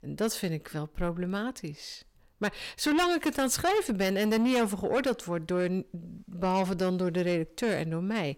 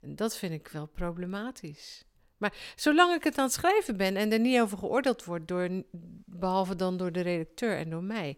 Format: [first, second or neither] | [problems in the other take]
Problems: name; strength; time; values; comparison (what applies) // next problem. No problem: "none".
second | distortion; heavy; 7 dB below the speech